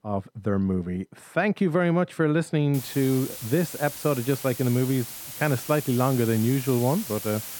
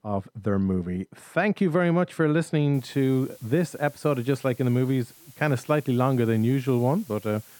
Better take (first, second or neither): second